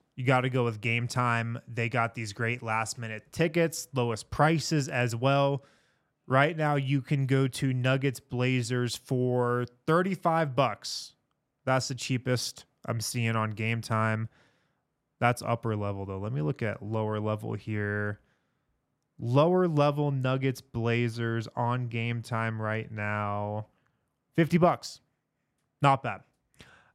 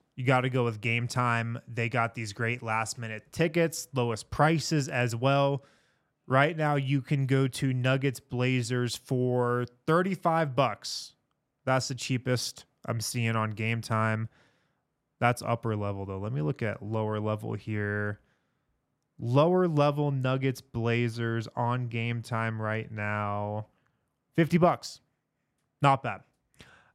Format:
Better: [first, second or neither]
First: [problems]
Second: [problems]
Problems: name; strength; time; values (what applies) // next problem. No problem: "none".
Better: neither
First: none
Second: none